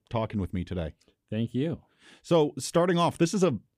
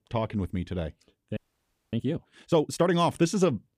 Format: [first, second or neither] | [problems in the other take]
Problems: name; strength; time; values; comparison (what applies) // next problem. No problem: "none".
first | audio freezing; at 1.5 s for 0.5 s